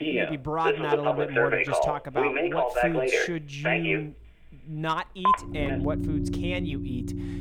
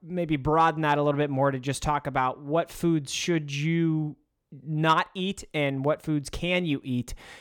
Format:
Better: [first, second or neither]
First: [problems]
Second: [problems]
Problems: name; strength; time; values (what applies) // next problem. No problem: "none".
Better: second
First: alarms or sirens; very loud; throughout; 5 dB above the speech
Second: none